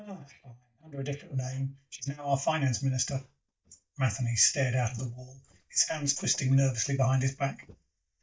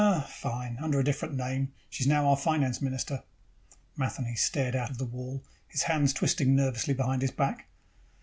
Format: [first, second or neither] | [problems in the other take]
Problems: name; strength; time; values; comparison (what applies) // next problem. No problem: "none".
second | noise reduction (neural mask model DeepFilterNet 3)